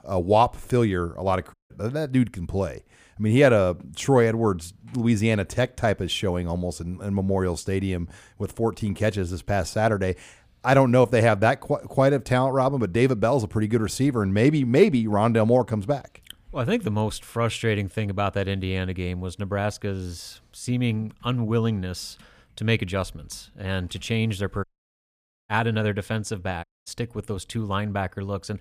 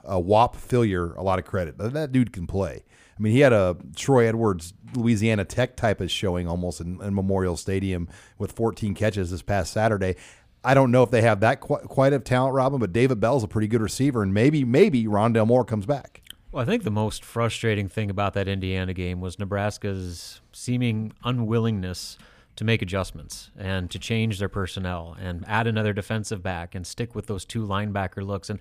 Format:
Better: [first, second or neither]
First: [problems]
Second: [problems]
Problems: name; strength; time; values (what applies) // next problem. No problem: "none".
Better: second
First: audio cutting out; at 1.5 s, at 25 s for 1 s and at 27 s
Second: none